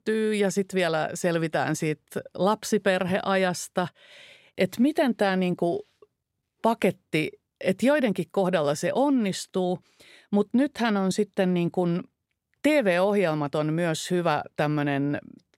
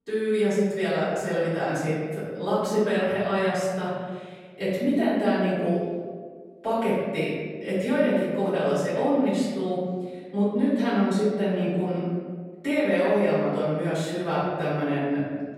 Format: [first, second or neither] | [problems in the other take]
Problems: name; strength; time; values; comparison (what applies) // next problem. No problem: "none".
first | room echo; strong; dies away in 1.5 s // off-mic speech; far